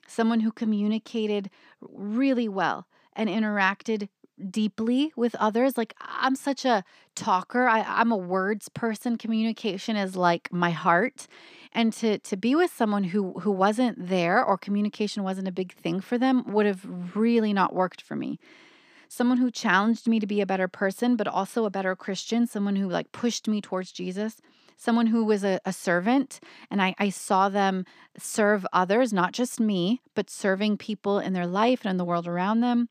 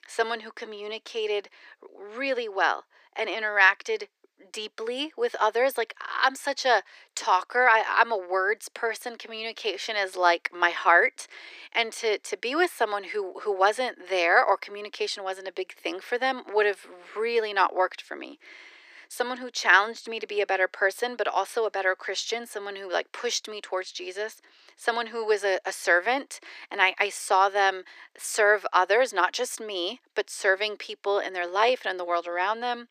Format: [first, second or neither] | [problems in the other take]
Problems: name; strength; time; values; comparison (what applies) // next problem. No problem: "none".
first | thin; very; fading below 350 Hz